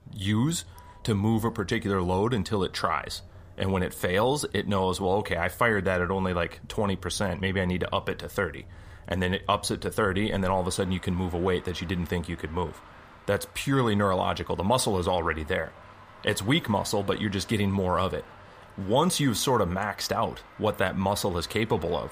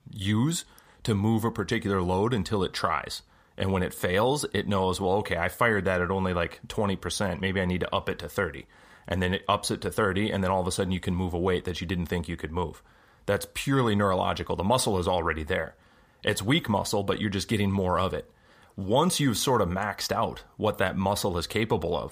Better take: second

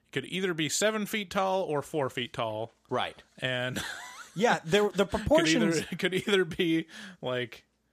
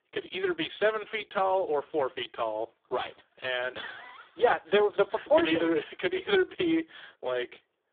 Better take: first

